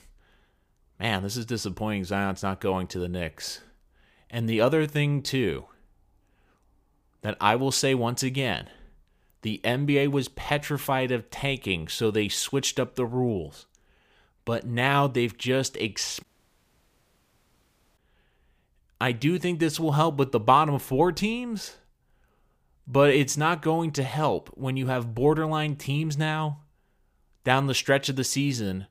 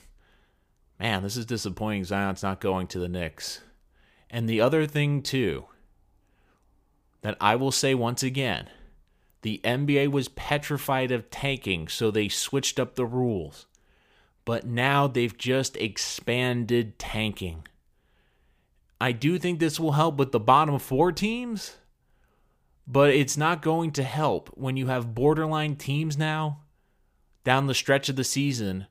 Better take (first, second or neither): second